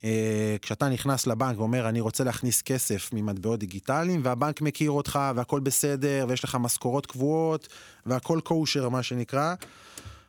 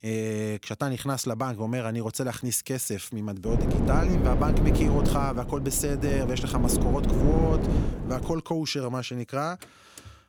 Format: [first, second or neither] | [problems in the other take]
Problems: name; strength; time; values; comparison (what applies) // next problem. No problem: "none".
first | wind noise on the microphone; heavy; from 3.5 to 8.5 s; 2 dB below the speech